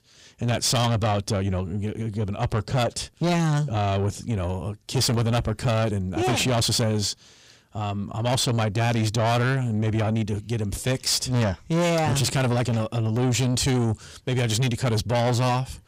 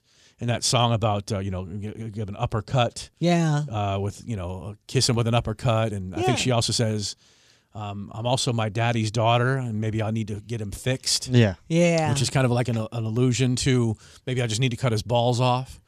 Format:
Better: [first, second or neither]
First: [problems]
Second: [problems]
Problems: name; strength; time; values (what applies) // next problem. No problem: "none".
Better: second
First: distortion; heavy; 8 dB below the speech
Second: none